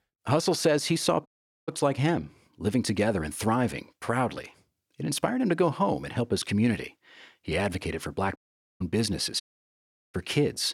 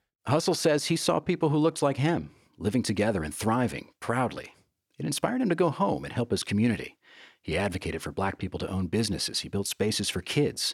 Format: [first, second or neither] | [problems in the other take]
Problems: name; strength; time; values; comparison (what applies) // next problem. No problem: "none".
second | audio cutting out; at 1.5 s, at 8.5 s and at 9.5 s for 0.5 s